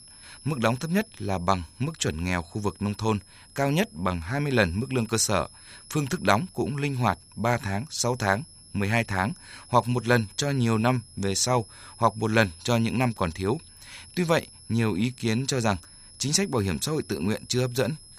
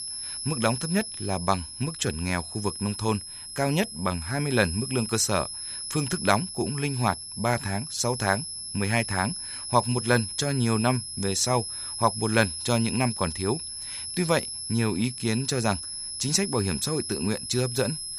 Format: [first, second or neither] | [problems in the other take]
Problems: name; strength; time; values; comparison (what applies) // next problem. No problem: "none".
first | high-pitched whine; loud; throughout; 11 kHz, 6 dB below the speech; faint in the first